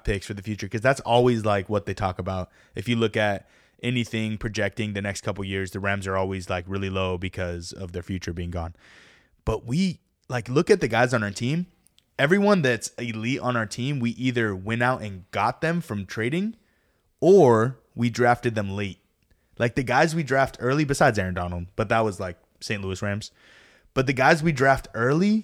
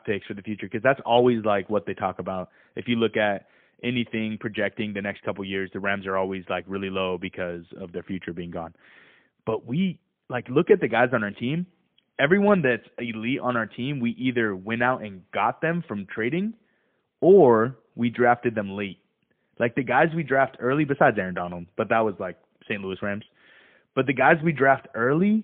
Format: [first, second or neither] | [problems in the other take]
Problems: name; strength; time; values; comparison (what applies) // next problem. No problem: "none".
first | phone-call audio; poor line; nothing above 3.5 kHz